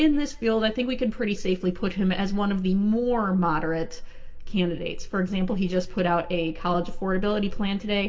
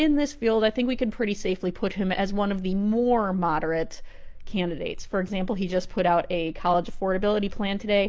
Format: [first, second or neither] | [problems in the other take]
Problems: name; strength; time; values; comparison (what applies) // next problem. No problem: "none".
second | room echo; dies away in 0.7 s